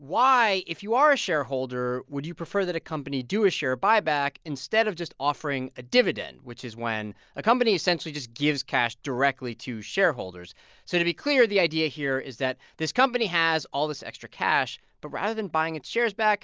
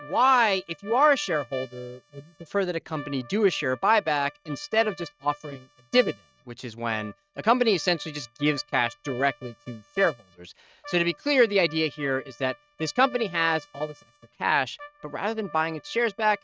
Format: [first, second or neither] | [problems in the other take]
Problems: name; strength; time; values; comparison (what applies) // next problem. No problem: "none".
first | noise reduction (neural mask model RNNoise)